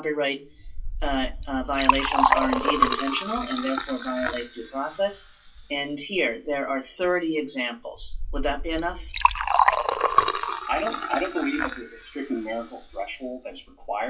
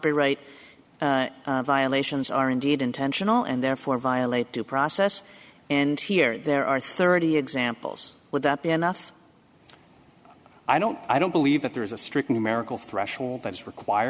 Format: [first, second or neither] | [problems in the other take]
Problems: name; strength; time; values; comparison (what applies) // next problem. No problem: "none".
second | noise reduction (classical method WPE with log-MMSE)